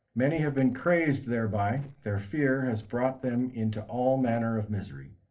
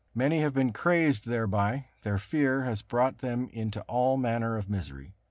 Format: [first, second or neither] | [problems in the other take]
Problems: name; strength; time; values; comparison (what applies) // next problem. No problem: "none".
second | noise reduction (neural separator model SepFormer DNS4)